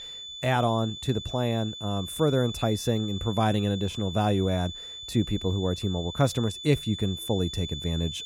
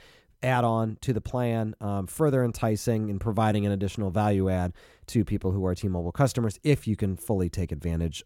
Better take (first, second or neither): second